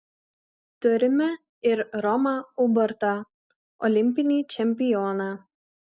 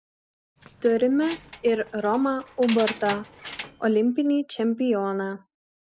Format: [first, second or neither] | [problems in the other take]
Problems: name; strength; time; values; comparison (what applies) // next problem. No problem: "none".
first | background sound (Keys jangling); 15 dB below the speech